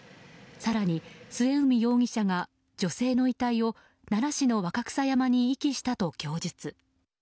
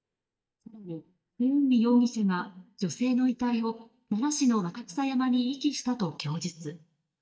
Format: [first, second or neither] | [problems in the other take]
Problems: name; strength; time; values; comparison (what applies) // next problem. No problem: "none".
first | noise reduction (neural mask model DeepFilterNet 3)